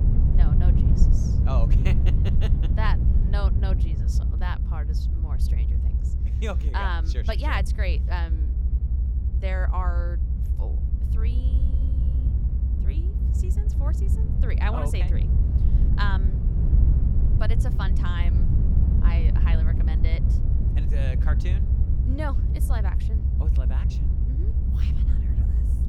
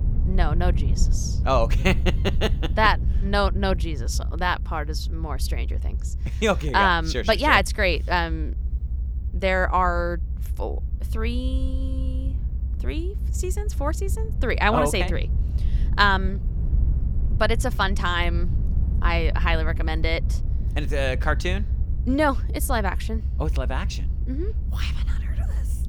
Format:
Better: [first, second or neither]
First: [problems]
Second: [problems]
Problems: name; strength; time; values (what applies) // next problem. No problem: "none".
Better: second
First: low rumble; loud; throughout; 5 dB below the speech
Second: low rumble; faint; throughout; 20 dB below the speech